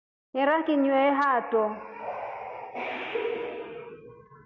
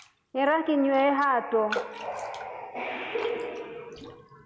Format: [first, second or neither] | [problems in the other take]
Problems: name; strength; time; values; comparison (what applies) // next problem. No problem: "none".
first | background sound (Raindrop); 14 dB below the speech